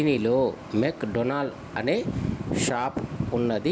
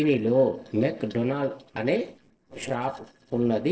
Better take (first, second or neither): first